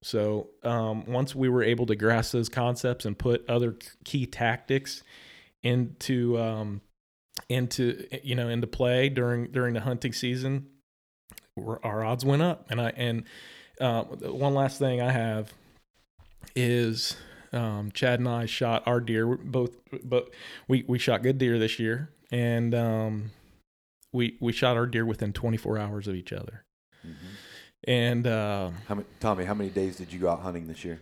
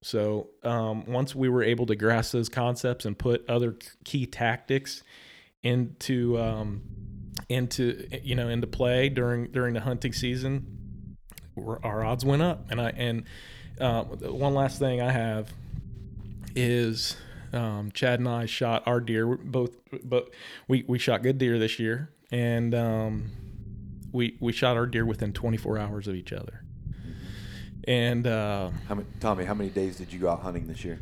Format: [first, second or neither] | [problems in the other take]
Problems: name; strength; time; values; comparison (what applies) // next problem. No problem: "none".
first | low rumble; faint; from 6 to 18 s and from 22 s on; 25 dB below the speech